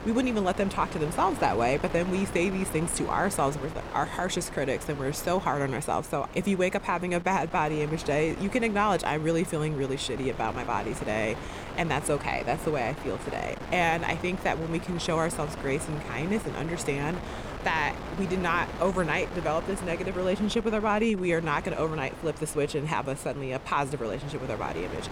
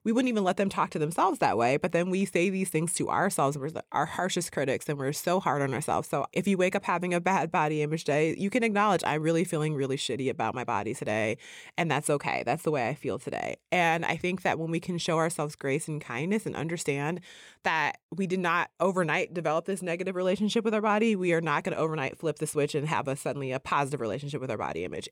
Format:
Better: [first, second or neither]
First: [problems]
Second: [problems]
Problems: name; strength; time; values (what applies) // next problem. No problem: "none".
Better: second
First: wind noise on the microphone; occasional gusts; 10 dB below the speech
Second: none